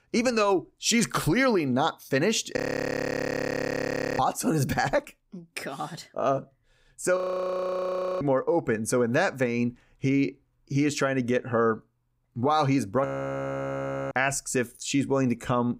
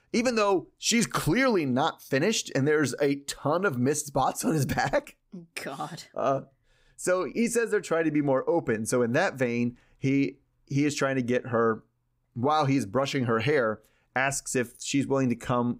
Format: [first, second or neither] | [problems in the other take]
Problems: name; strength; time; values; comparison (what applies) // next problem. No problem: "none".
second | audio freezing; at 2.5 s for 1.5 s, at 7 s for 1 s and at 13 s for 1 s